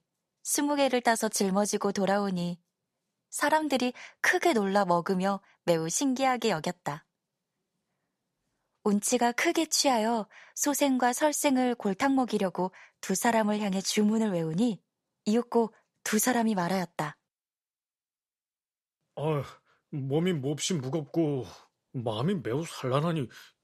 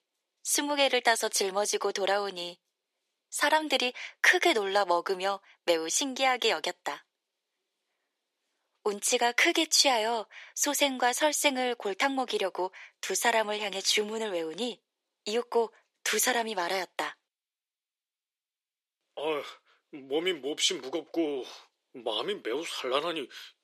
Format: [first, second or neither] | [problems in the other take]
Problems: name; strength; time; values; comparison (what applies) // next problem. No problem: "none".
first | thin; somewhat; fading below 350 Hz